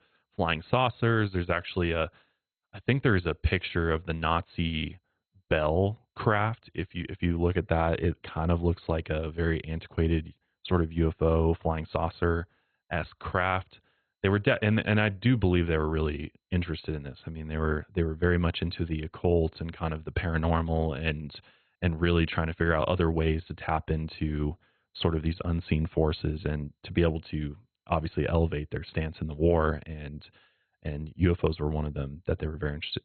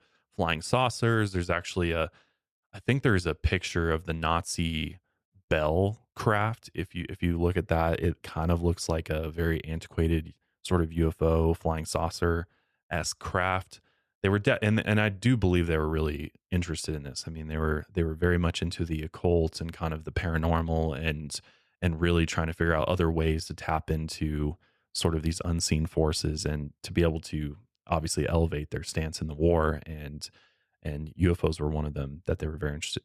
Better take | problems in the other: second | garbled, watery; badly; nothing above 4 kHz

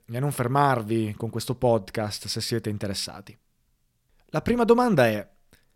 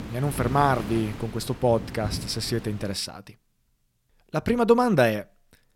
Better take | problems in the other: first | wind noise on the microphone; occasional gusts; until 3 s; 15 dB below the speech

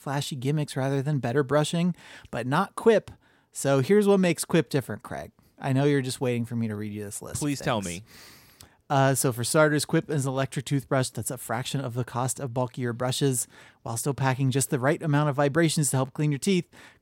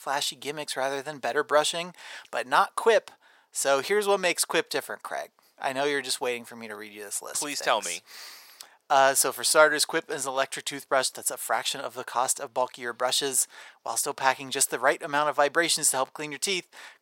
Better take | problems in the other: first | thin; very; fading below 750 Hz

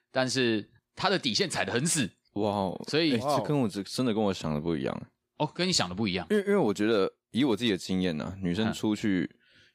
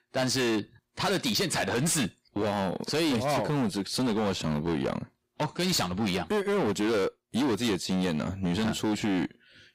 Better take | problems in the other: first | distortion; heavy; 23% of the sound clipped

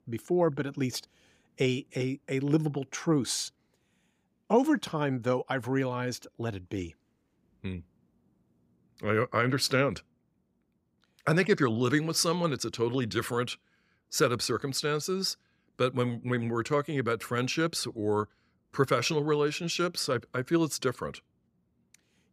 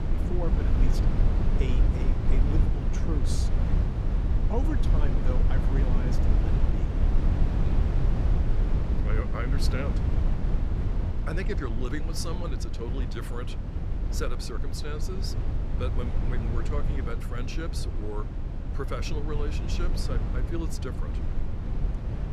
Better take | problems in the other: first | low rumble; loud; throughout; 1 dB below the speech

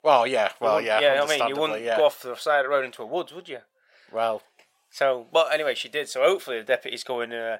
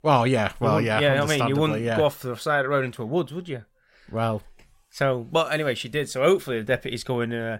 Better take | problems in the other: second | thin; very; fading below 450 Hz

